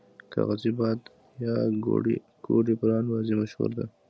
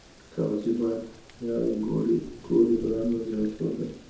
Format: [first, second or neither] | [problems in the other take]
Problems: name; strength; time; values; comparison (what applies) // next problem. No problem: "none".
first | background sound (Thunder / Rain); 19 dB below the speech // room echo; dies away in 0.6 s